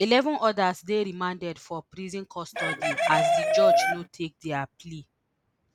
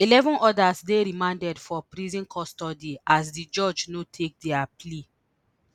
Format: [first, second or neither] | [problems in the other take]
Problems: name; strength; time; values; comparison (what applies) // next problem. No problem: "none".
second | background sound (Chicken, rooster); 3 dB above the speech